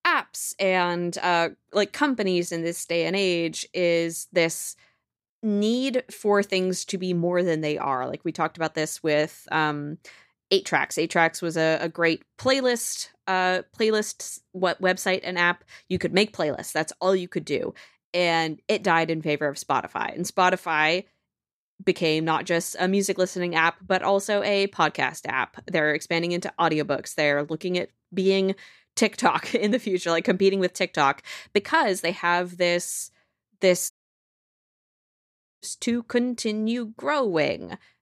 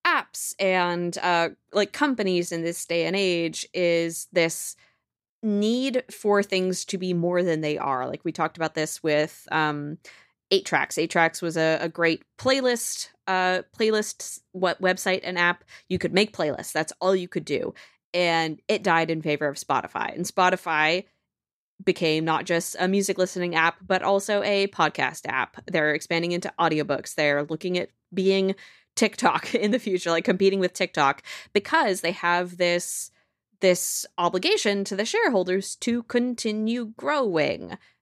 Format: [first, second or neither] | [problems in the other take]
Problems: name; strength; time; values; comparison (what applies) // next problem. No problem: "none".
second | audio cutting out; at 34 s for 1.5 s